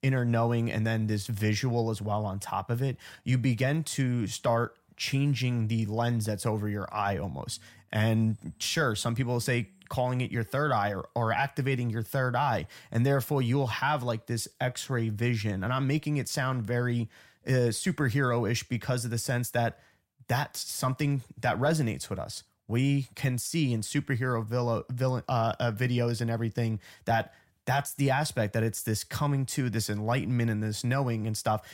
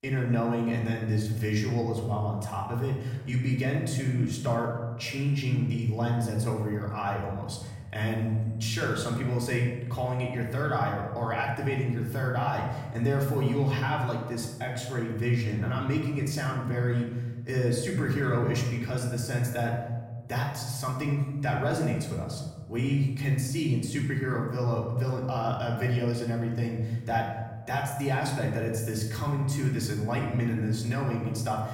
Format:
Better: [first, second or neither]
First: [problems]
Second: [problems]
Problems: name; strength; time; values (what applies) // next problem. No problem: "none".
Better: first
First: none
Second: room echo; noticeable; dies away in 1.4 s // off-mic speech; far